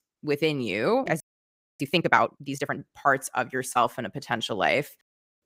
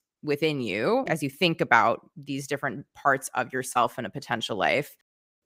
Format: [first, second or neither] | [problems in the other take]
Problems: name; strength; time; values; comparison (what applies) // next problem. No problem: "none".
second | audio freezing; at 1 s for 0.5 s